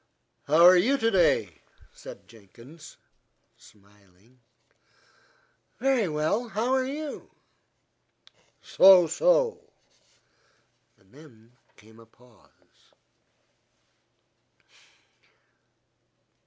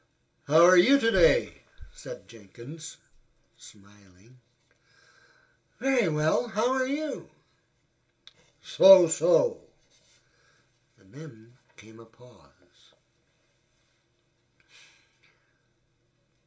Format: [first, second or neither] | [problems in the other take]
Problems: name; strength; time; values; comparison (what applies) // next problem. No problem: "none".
first | room echo; dies away in 0.2 s